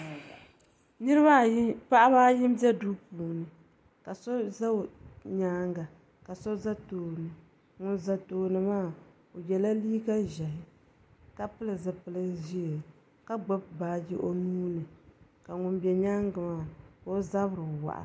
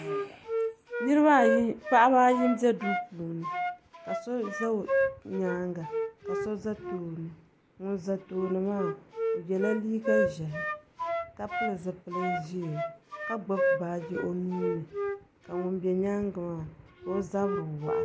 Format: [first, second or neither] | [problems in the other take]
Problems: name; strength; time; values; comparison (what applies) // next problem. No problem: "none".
first | background sound (Wind instrument, woodwind instrument); 3 dB below the speech